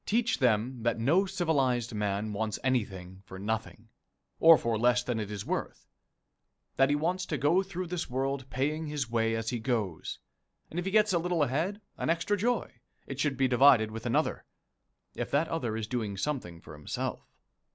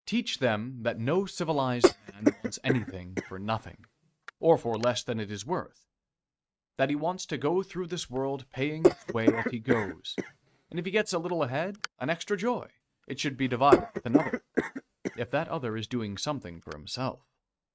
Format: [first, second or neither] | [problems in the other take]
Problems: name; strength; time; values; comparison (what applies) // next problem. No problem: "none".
first | noise reduction (neural mask model RNNoise)